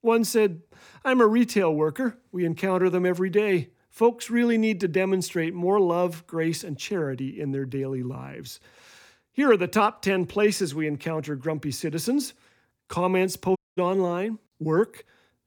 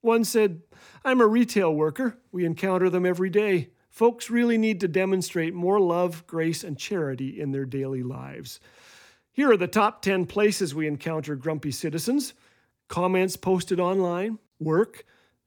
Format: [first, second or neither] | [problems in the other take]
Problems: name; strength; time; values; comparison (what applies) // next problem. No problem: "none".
second | audio cutting out; at 14 s